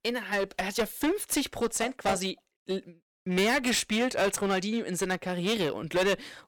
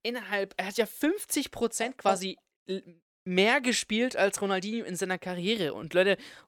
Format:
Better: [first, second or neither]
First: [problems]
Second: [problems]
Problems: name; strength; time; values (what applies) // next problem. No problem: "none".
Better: second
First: distortion; heavy; 10% of the sound clipped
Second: none